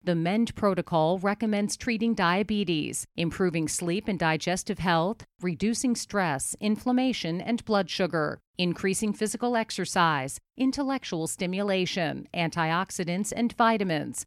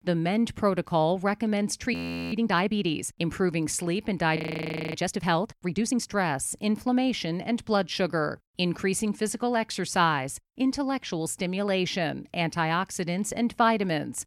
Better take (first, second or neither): first